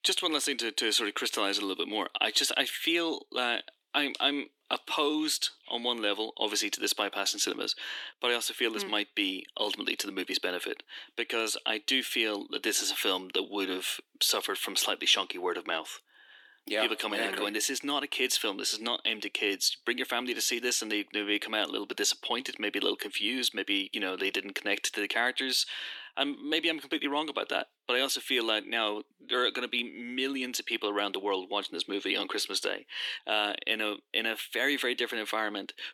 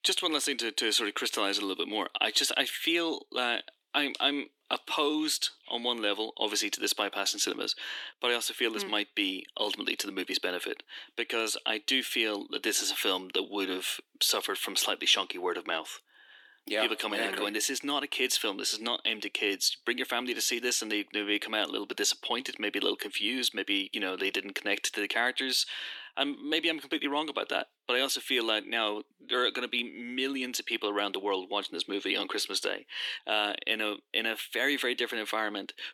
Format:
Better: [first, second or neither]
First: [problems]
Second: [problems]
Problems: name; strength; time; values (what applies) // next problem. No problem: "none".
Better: neither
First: thin; very; fading below 300 Hz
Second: thin; very; fading below 300 Hz